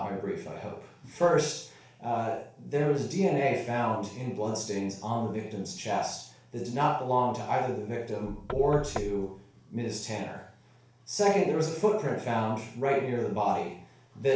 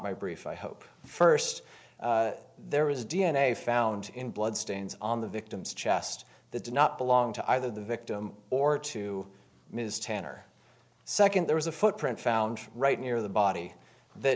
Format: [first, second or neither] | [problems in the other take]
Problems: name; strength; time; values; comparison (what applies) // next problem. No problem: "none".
second | background sound (Knock / Wood); 10 dB below the speech // room echo; dies away in 0.4 s